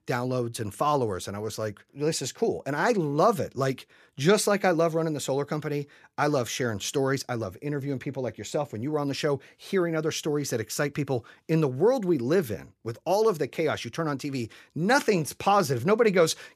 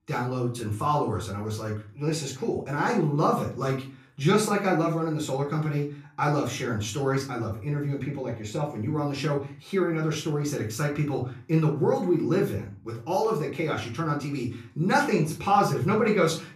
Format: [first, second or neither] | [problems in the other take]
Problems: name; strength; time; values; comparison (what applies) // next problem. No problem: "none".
first | off-mic speech; far // room echo; slight; dies away in 0.4 s